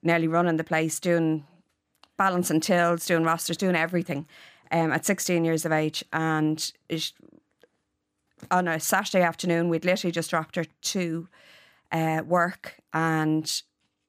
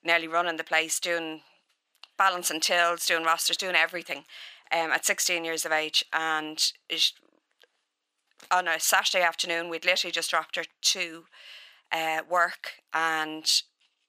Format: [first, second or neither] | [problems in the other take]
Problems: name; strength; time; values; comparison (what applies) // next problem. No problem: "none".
first | thin; very; fading below 700 Hz